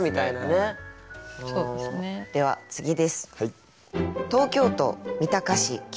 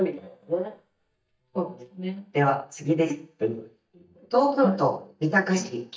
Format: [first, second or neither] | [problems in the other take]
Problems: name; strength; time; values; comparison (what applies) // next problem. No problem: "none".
first | noise reduction (neural mask model DeepFilterNet 3)